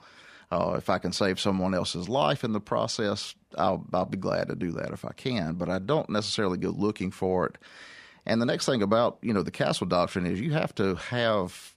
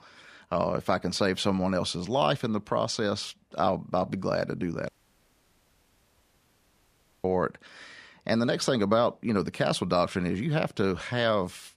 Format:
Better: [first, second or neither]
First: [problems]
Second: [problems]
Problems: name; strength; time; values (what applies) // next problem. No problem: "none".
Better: first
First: none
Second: audio cutting out; at 5 s for 2.5 s